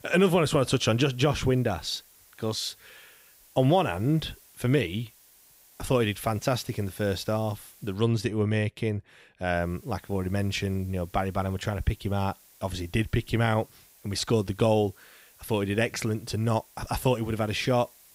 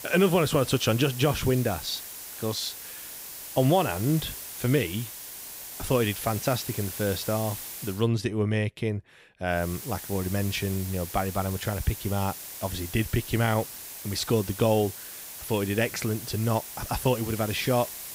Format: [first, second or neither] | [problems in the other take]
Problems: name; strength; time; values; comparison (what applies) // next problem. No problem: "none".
first | hiss; loud; until 8 s and from 9.5 s on; 9 dB below the speech; faint in the first